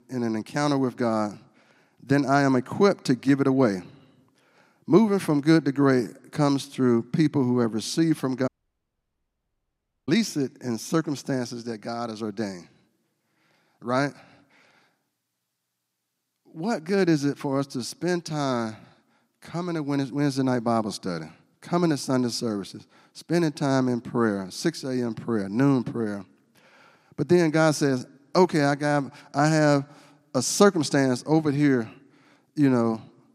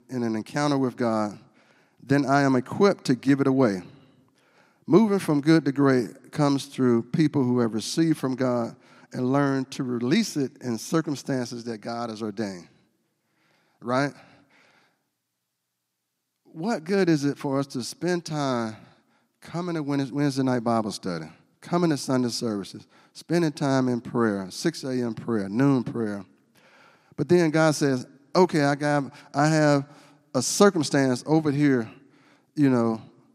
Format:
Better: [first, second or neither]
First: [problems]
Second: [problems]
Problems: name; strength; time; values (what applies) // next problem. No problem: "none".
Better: second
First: audio cutting out; at 8.5 s for 1.5 s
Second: none